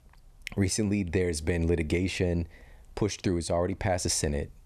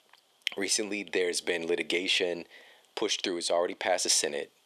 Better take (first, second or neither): first